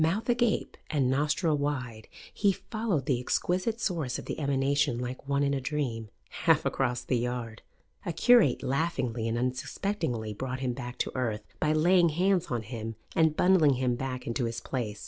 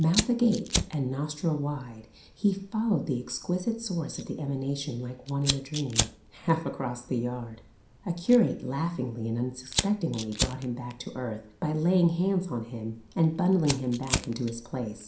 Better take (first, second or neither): first